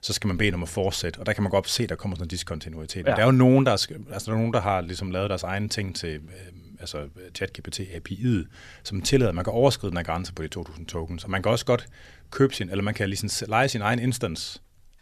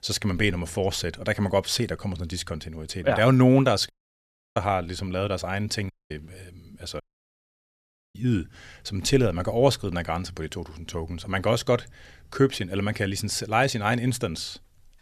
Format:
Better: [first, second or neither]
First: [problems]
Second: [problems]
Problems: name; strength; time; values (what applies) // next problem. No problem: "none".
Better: first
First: none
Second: audio cutting out; at 4 s for 0.5 s, at 6 s and at 7 s for 1 s